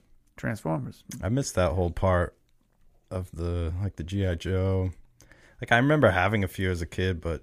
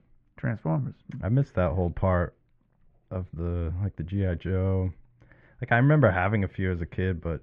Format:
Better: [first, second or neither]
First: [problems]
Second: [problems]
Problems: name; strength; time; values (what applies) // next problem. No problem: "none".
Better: first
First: none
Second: muffled; very; fading above 2.5 kHz